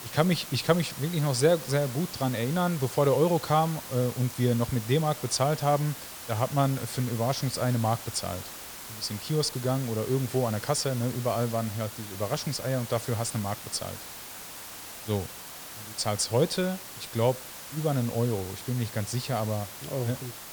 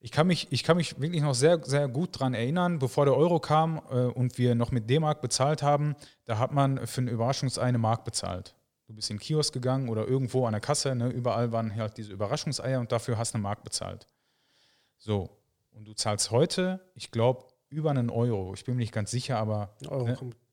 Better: second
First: hiss; noticeable; throughout; 10 dB below the speech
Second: none

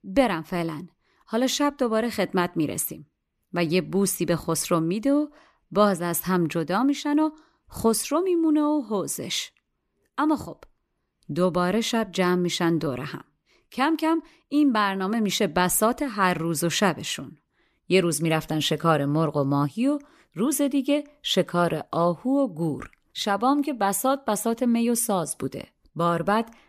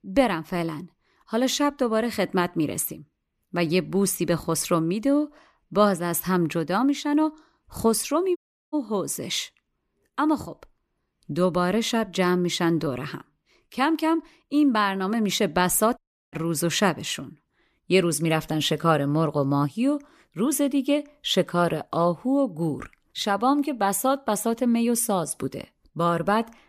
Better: first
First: none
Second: audio cutting out; at 8.5 s and at 16 s

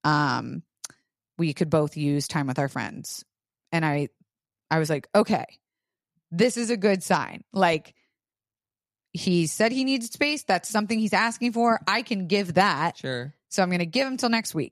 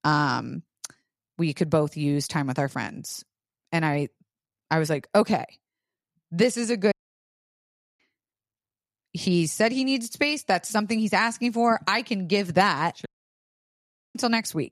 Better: first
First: none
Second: audio cutting out; at 7 s for 1 s and at 13 s for 1 s

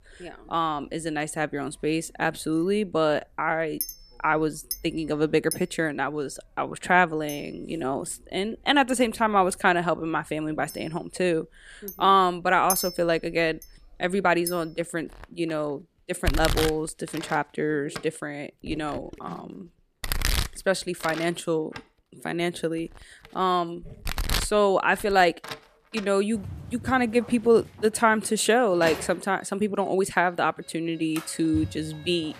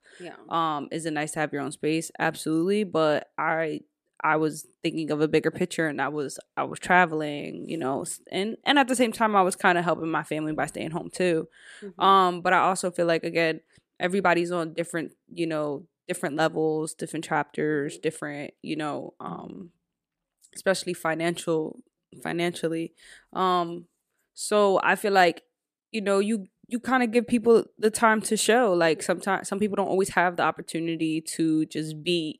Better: second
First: household noises; loud; throughout; 9 dB below the speech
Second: none

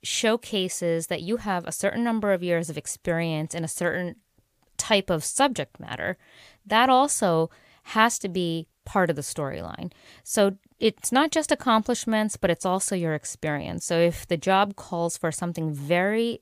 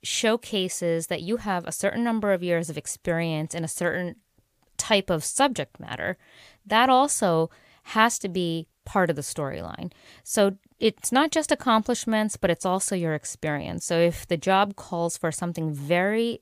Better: neither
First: none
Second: none

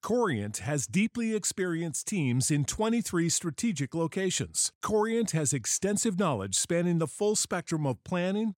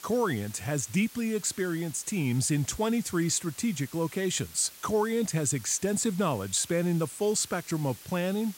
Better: first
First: none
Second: hiss; noticeable; throughout; 15 dB below the speech

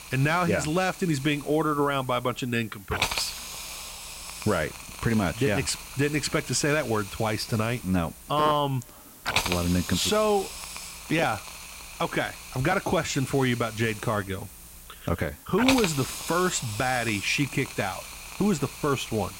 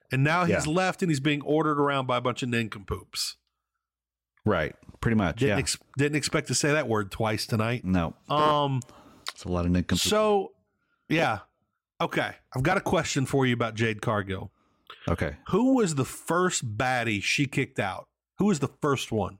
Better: second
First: hiss; loud; throughout; 8 dB below the speech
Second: none

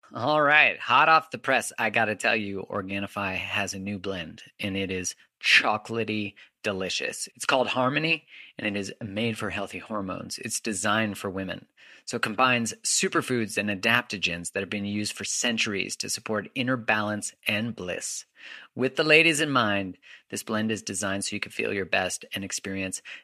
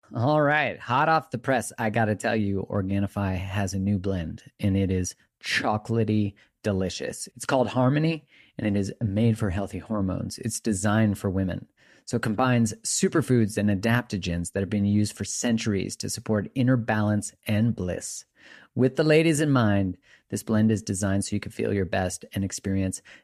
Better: second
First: thin; somewhat; fading below 450 Hz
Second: none

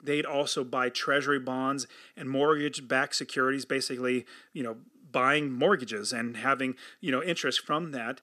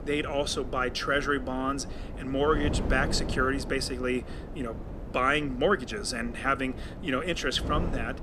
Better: first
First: none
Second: wind noise on the microphone; occasional gusts; 15 dB below the speech

